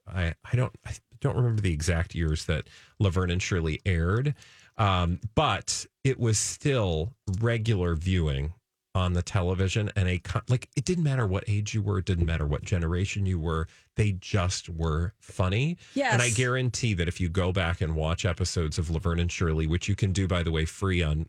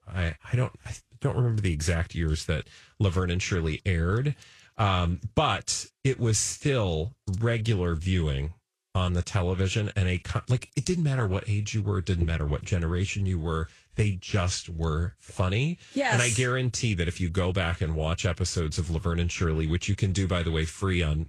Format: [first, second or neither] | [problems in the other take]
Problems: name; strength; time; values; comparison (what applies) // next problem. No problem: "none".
first | garbled, watery; slightly; nothing above 12.5 kHz